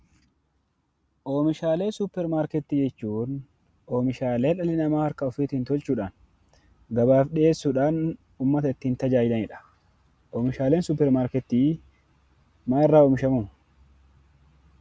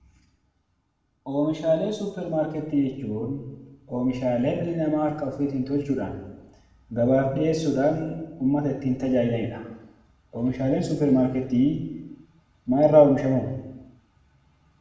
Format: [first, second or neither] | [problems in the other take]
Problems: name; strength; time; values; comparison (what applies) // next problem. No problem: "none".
first | room echo; dies away in 0.9 s